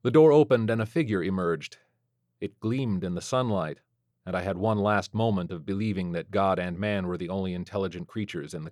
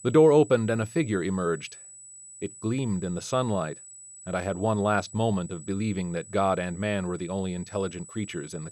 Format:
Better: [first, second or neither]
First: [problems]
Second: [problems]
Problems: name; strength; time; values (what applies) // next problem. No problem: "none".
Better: first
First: none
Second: high-pitched whine; noticeable; throughout; 8 kHz, 15 dB below the speech